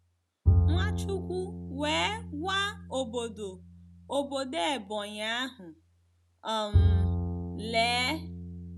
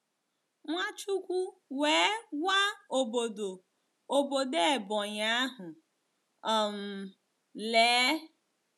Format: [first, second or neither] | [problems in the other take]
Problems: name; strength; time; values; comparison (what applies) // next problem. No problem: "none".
second | background sound (Bowed string instrument); 3 dB above the speech